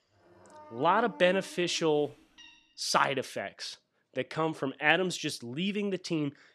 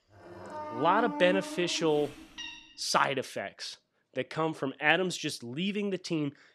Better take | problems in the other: first | animal sounds; loud; until 1.5 s; 10 dB below the speech; faint in the first

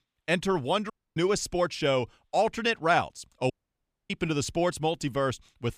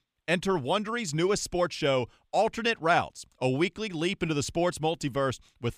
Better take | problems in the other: second | audio cutting out; at 1 s and at 3.5 s for 0.5 s

